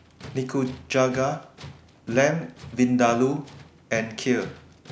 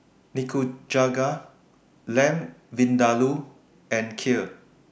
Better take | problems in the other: second | background sound (Tools); 18 dB below the speech

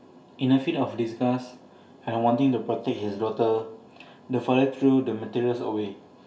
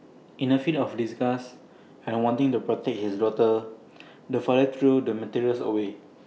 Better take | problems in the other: second | room echo; dies away in 0.2 s

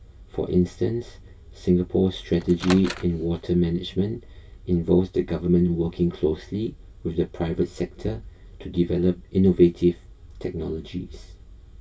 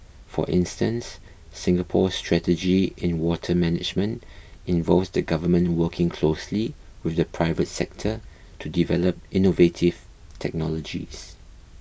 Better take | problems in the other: second | background sound (Microwave oven); 11 dB below the speech // room echo; dies away in 0.1 s

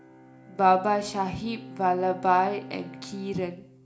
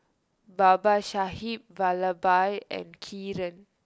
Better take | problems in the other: second | background sound (Bowed string instrument); 17 dB below the speech // room echo; dies away in 0.4 s

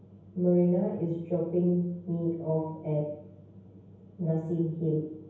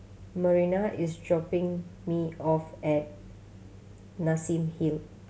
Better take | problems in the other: second | room echo; dies away in 0.9 s

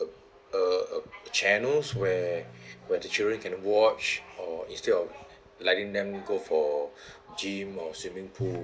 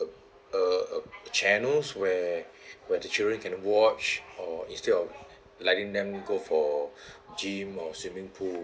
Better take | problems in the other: second | background sound (Drum); 17 dB below the speech

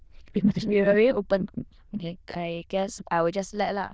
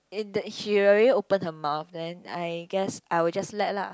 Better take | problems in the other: second | noise reduction (neural diffusion model UNIVERSE++)

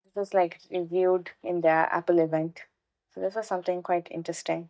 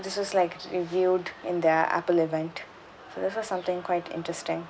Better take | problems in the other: second | noise reduction (neural mask model DeepFilterNet 3)

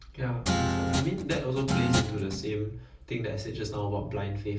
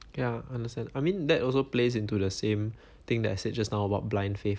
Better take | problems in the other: second | background sound (Guitar); 1 dB above the speech // room echo; dies away in 0.3 s

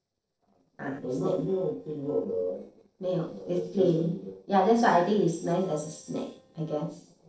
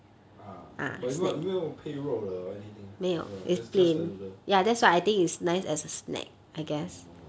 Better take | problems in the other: second | noise reduction (neural separator model SepFormer DNS4)

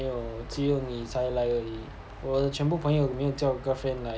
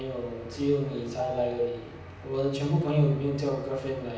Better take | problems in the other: first | background sound (Marimba, xylophone); 17 dB below the speech // room echo; dies away in 0.9 s

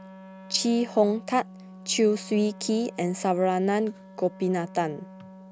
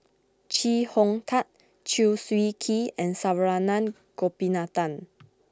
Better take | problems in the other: second | background sound (Wind instrument, woodwind instrument); 18 dB below the speech

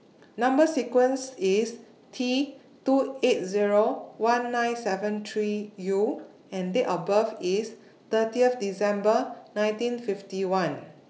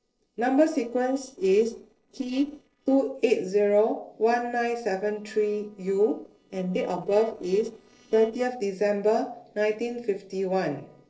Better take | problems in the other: first | noise reduction (neural separator model SepFormer DNS4)

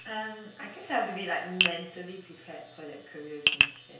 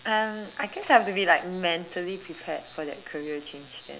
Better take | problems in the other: second | background sound (Tap); 3 dB above the speech // room echo; dies away in 0.5 s

